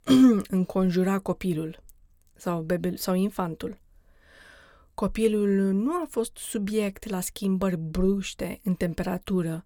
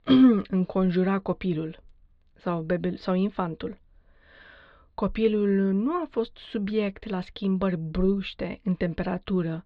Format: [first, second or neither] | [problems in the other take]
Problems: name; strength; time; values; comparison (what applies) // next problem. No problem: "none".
first | muffled; slightly; fading above 4 kHz